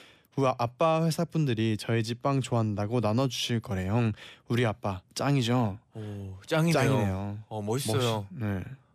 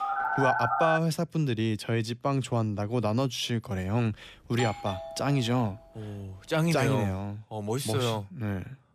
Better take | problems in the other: first | phone ringing; loud; at the start; peak 2 dB above the speech // doorbell; noticeable; from 4.5 to 5.5 s; peak 7 dB below the speech

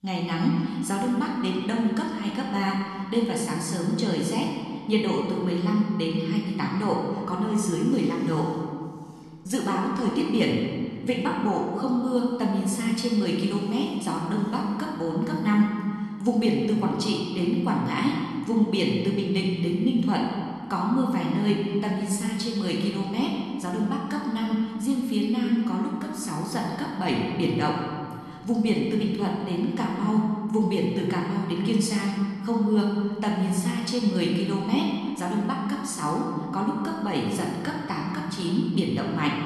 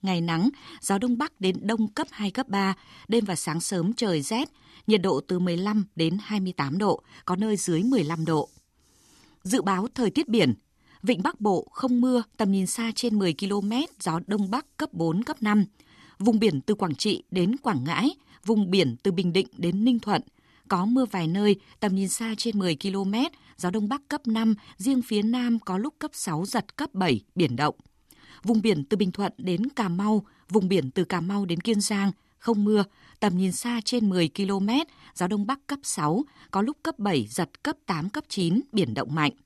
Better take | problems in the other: second | room echo; noticeable; dies away in 1.7 s // off-mic speech; somewhat distant

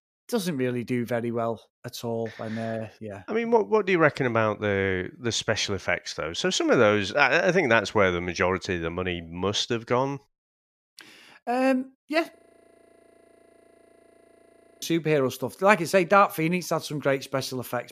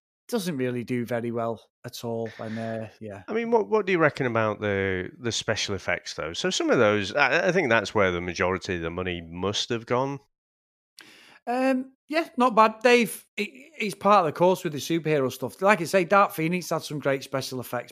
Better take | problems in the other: second | audio freezing; at 12 s for 2.5 s

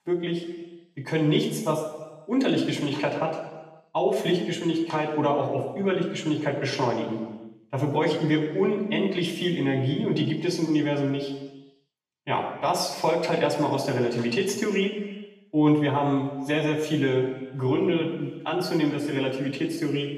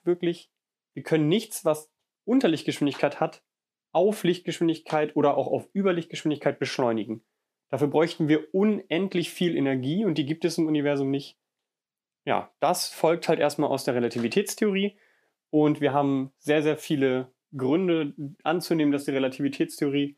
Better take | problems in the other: second | room echo; noticeable; dies away in 1.1 s // off-mic speech; far

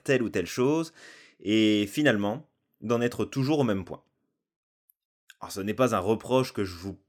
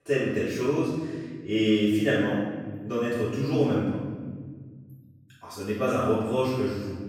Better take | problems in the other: first | off-mic speech; far // room echo; strong; dies away in 1.9 s

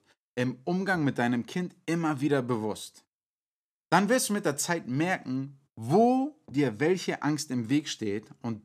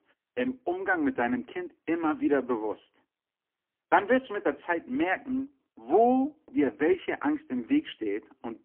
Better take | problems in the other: first | phone-call audio; poor line; nothing above 3 kHz

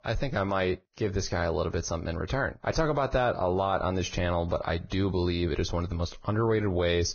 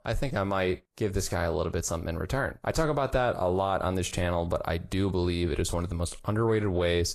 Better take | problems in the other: second | garbled, watery; badly; nothing above 6.5 kHz; slightly in the second

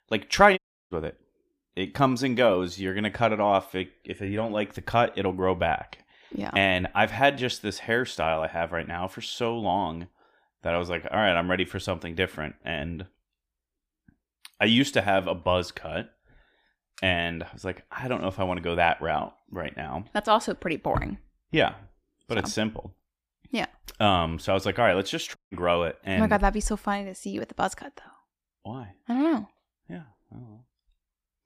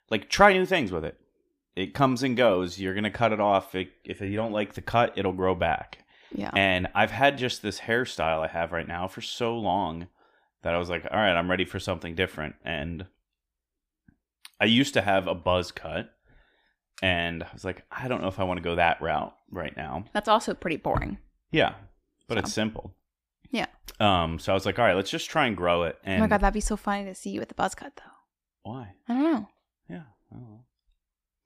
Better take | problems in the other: second | audio cutting out; at 0.5 s and at 25 s

